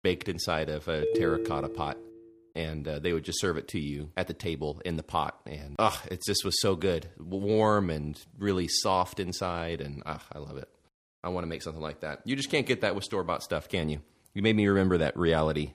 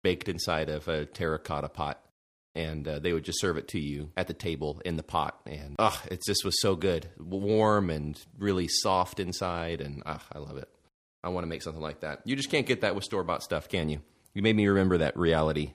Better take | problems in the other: second | phone ringing; loud; at 1 s; peak 2 dB above the speech

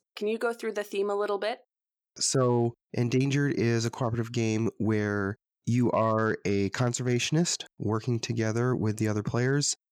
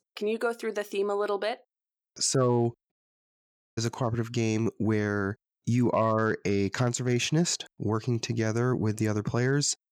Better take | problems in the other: first | audio cutting out; at 3 s for 1 s

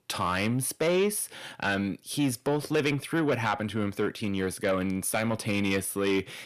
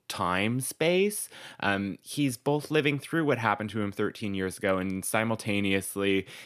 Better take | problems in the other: second | distortion; slight; 10 dB below the speech

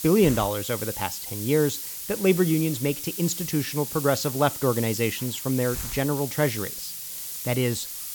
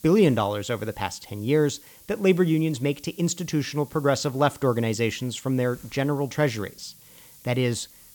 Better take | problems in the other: second | hiss; loud; throughout; 6 dB below the speech; faint in the second

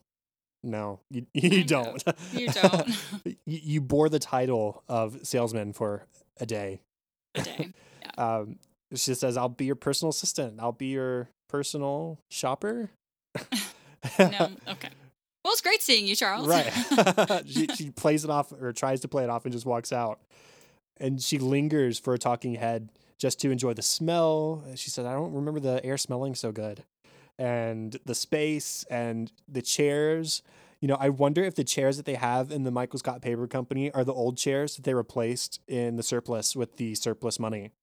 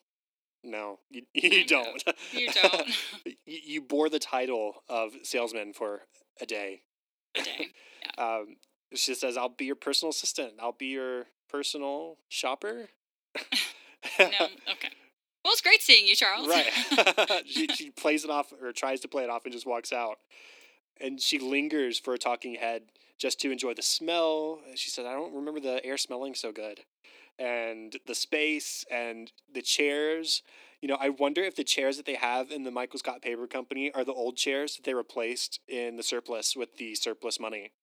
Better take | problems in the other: first | thin; very slightly; fading below 300 Hz

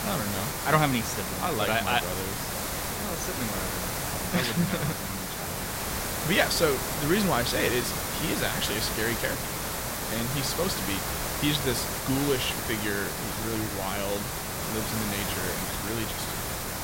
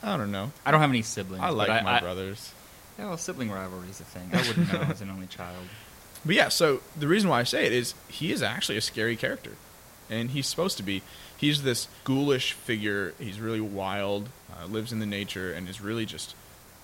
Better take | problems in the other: second | hiss; loud; throughout; 1 dB below the speech; faint in the second

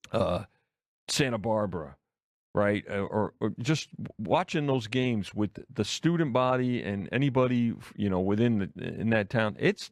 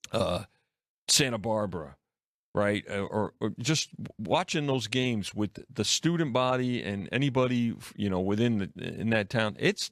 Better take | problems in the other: second | muffled; slightly; fading above 3 kHz

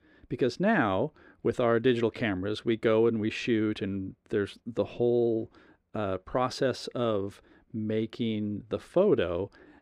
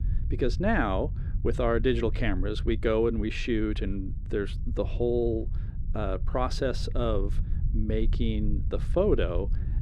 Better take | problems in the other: first | low rumble; noticeable; throughout; 20 dB below the speech

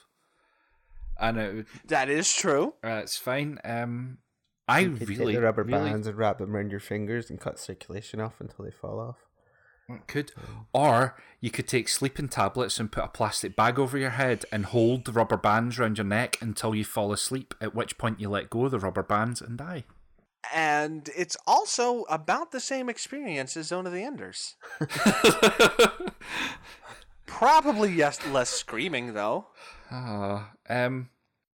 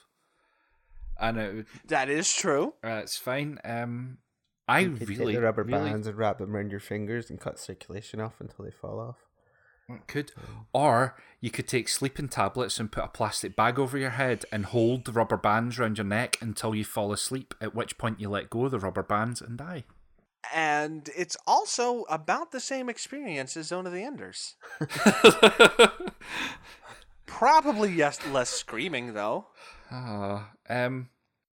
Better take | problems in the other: second | distortion; slight; 0.7% of the sound clipped

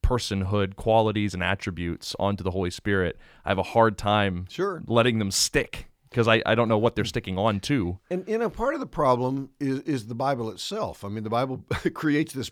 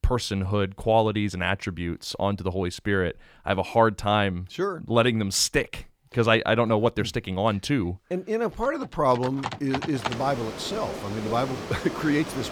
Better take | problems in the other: first | animal sounds; loud; from 9 s on; 9 dB below the speech

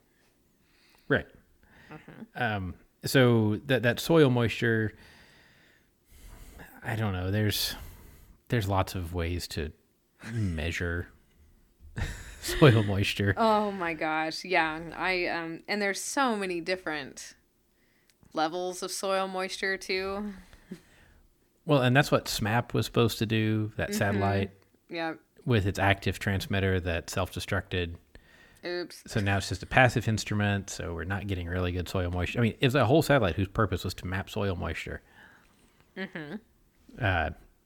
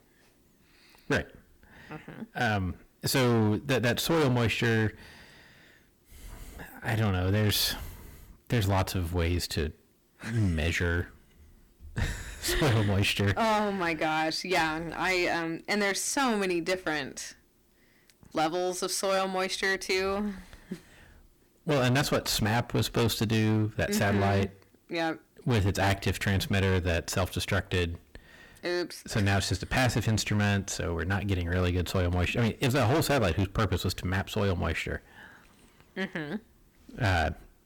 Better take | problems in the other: first | distortion; heavy; 11% of the sound clipped

